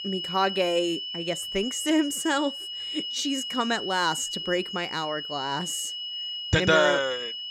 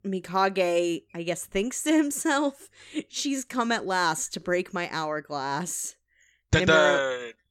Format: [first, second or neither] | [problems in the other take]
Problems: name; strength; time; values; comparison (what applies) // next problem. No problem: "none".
second | high-pitched whine; loud; throughout; 3 kHz, 5 dB below the speech